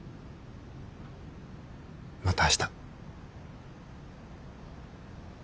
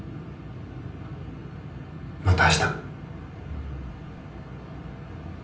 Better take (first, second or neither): first